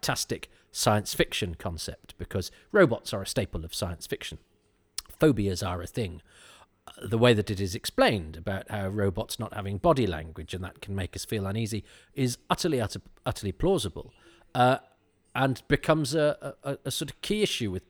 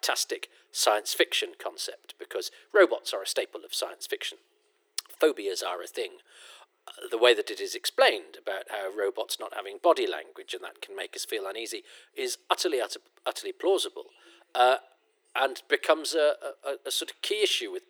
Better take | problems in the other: first | thin; very; fading below 350 Hz

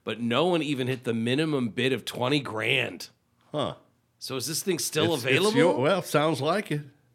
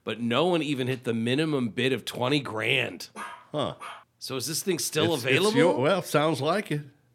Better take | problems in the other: first | dog barking; faint; at 3 s; peak 15 dB below the speech

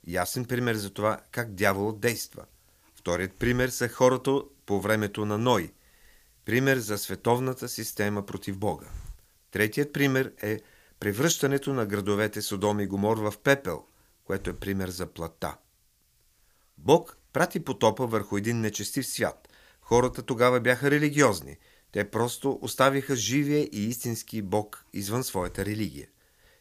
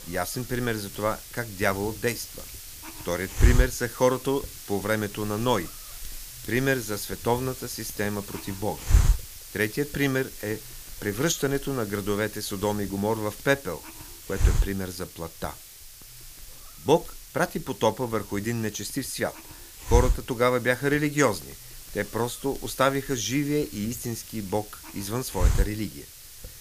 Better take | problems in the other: first | hiss; loud; throughout; 6 dB below the speech; faint in the first

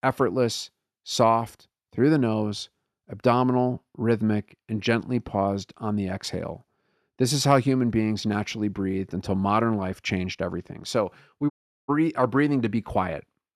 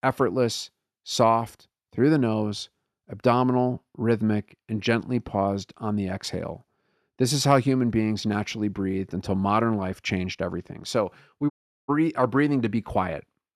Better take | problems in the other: neither | audio cutting out; at 12 s; the same in both

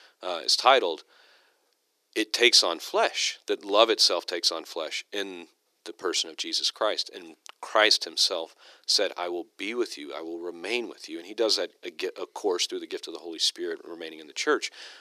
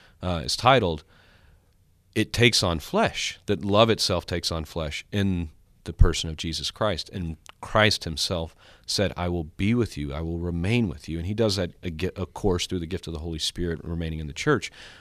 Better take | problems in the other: second | thin; very; fading below 350 Hz

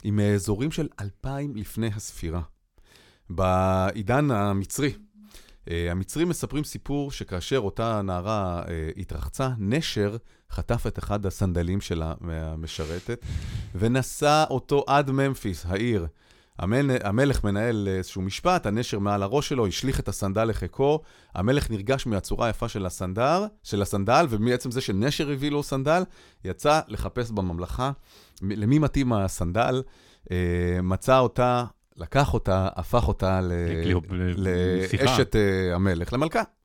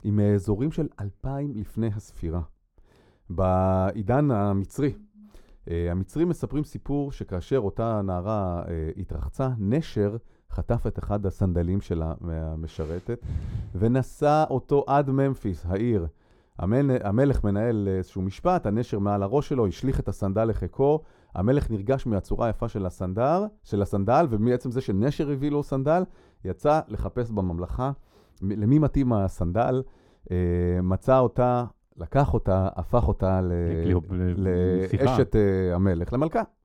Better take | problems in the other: first | muffled; slightly; fading above 1.5 kHz

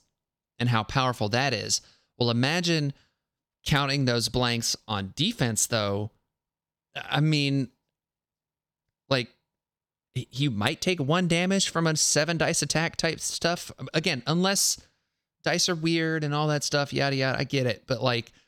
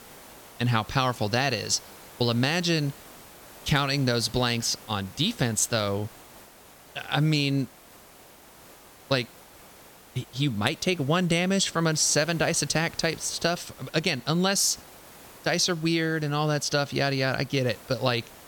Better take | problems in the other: first | hiss; faint; throughout; 20 dB below the speech

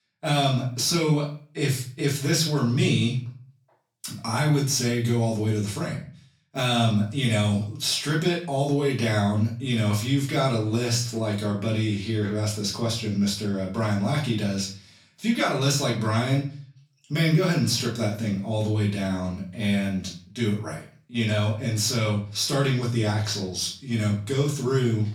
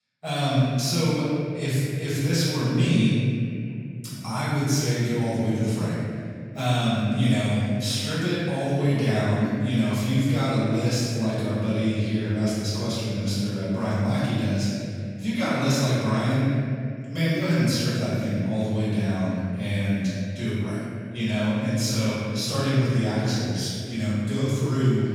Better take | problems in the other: first | room echo; strong; dies away in 2.5 s; slight in the first // off-mic speech; far; far in the first

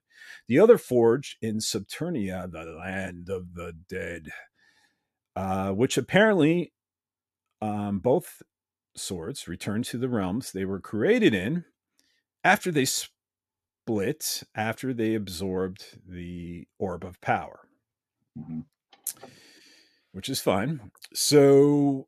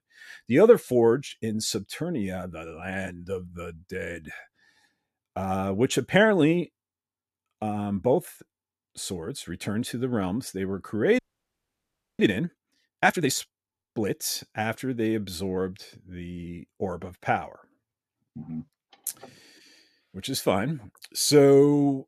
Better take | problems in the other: first | audio freezing; at 11 s for 1 s

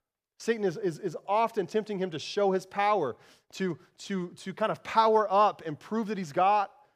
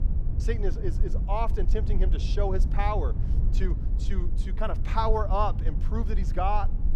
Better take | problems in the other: first | low rumble; noticeable; throughout; 15 dB below the speech

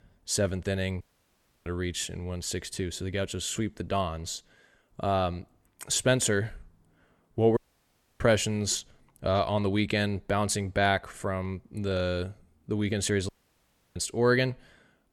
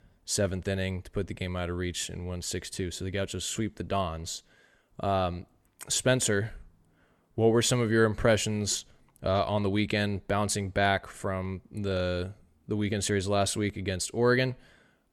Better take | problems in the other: second | audio cutting out; at 1 s for 0.5 s, at 7.5 s for 0.5 s and at 13 s for 0.5 s

